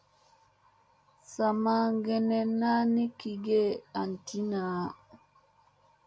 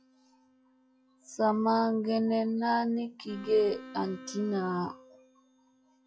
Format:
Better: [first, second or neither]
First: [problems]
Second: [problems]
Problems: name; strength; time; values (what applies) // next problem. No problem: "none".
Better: first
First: none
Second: noise reduction (classical method log-MMSE)